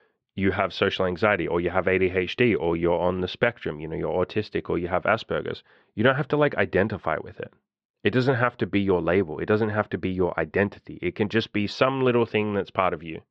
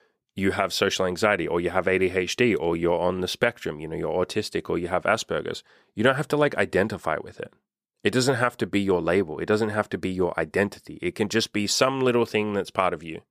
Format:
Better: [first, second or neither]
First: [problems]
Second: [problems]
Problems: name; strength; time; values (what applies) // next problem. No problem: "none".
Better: second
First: muffled; slightly; fading above 3.5 kHz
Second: none